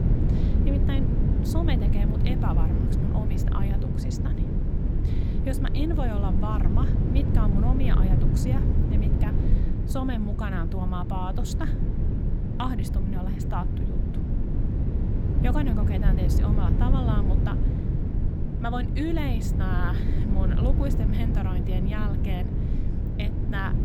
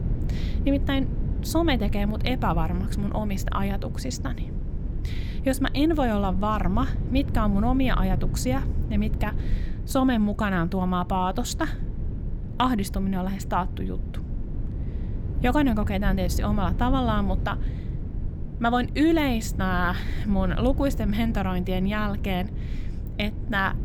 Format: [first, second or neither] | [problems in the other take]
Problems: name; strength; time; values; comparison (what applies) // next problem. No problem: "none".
second | wind noise on the microphone; heavy; 1 dB below the speech; occasional gusts in the second